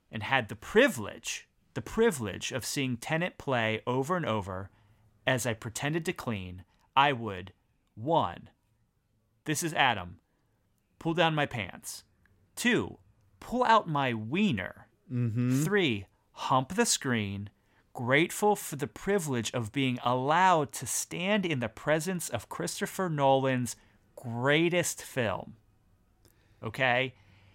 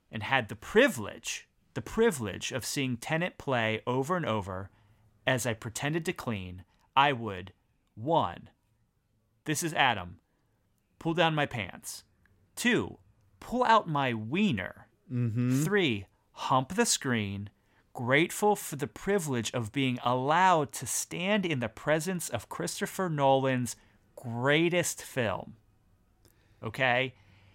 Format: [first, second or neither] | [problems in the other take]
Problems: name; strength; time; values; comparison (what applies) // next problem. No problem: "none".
neither | none